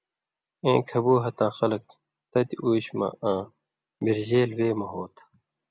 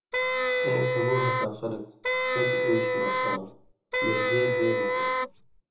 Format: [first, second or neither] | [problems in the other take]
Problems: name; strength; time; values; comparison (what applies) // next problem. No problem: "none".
first | background sound (Wind instrument, woodwind instrument); 5 dB above the speech // room echo; dies away in 0.6 s